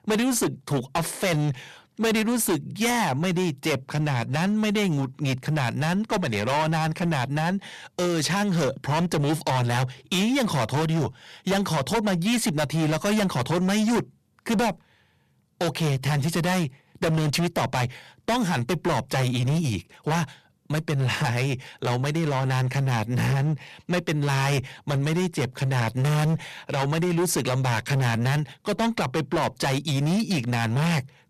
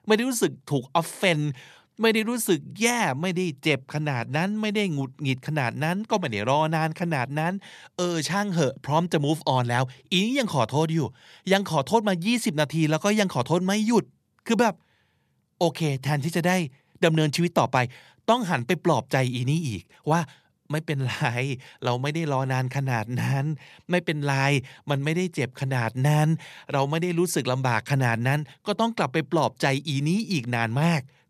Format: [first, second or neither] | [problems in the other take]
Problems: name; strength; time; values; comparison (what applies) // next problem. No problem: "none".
second | distortion; heavy; 21% of the sound clipped